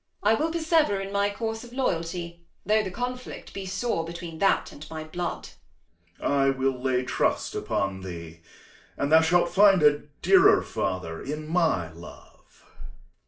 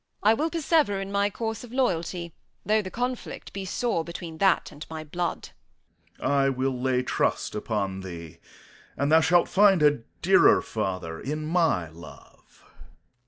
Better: second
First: room echo; dies away in 0.3 s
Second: none

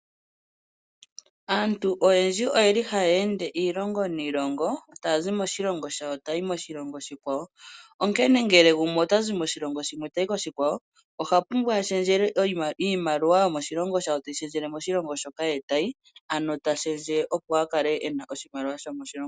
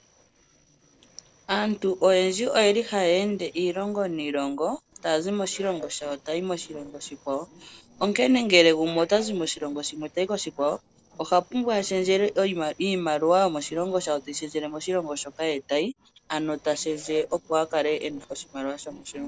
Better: first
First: none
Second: noise reduction (neural separator model SepFormer DNS4)

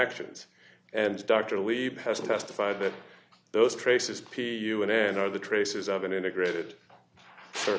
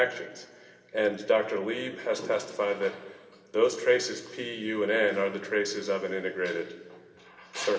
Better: first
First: none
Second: room echo; dies away in 1.7 s

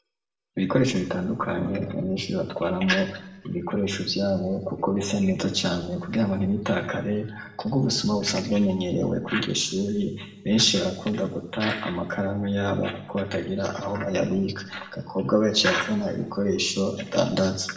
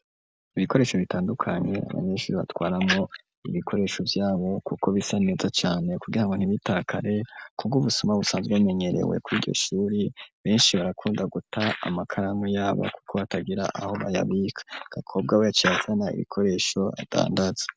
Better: second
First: room echo; dies away in 0.8 s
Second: none

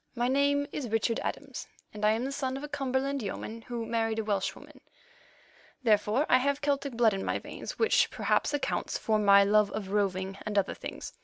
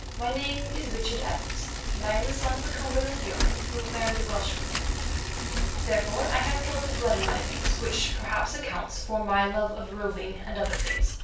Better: first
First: none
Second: background sound (Bicycle); 2 dB above the speech // room echo; dies away in 0.3 s

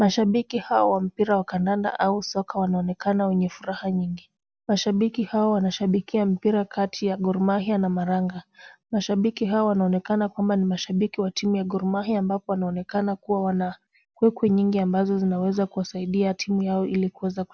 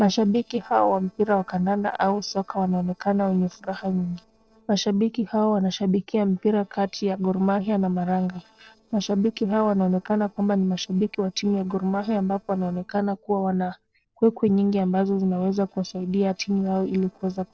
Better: first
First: none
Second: noise reduction (neural separator model SepFormer DNS4)

